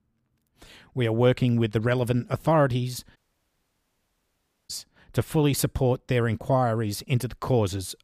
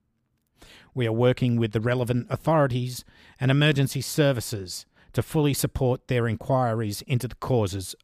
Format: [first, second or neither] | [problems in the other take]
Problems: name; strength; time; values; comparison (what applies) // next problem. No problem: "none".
second | audio cutting out; at 3 s for 1.5 s